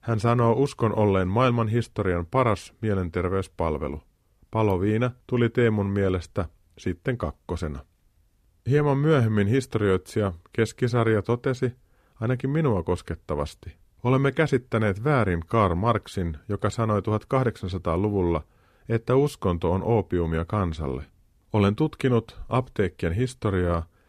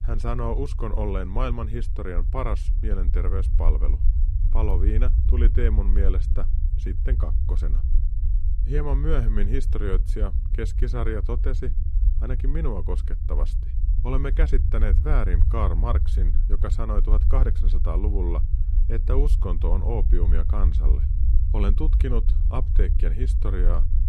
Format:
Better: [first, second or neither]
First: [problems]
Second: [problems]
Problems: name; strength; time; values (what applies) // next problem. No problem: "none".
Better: first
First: none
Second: low rumble; noticeable; throughout; 10 dB below the speech